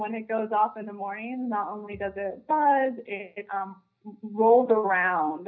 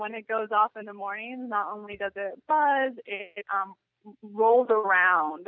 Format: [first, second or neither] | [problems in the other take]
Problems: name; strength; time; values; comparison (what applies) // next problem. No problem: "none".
second | room echo; dies away in 0.5 s